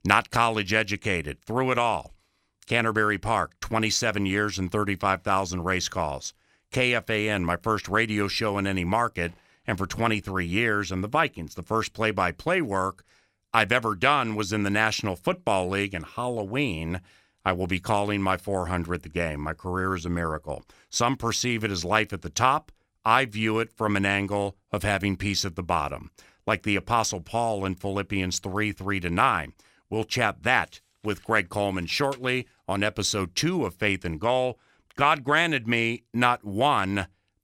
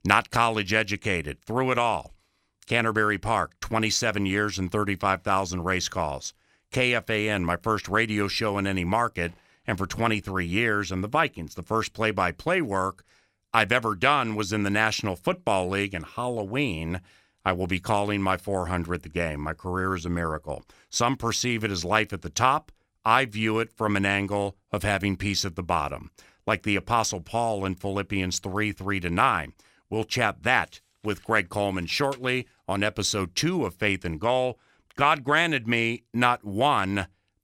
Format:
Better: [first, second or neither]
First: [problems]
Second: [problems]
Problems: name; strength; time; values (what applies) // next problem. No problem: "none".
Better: neither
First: none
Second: none